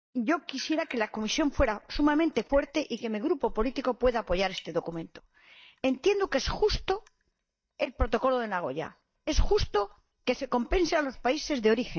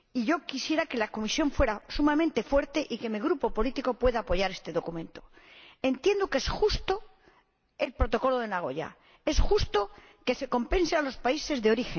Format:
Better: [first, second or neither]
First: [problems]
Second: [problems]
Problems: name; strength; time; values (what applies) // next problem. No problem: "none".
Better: second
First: noise reduction (neural mask model DeepFilterNet 3)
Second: none